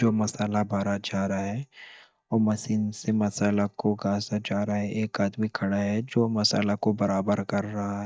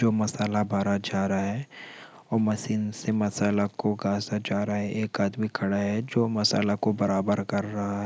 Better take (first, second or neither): second